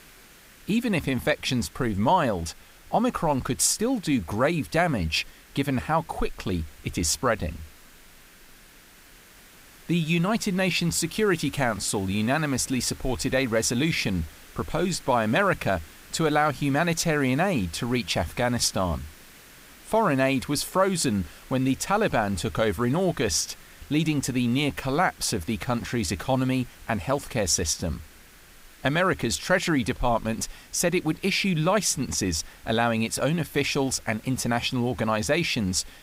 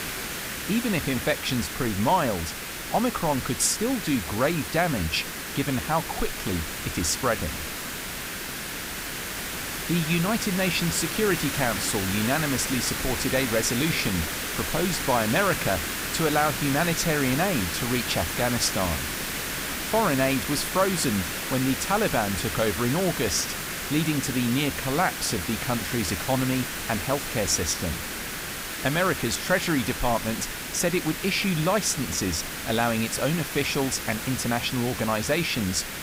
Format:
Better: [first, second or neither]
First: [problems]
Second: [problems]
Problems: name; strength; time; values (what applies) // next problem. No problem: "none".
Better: first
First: hiss; faint; throughout; 25 dB below the speech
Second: hiss; loud; throughout; 4 dB below the speech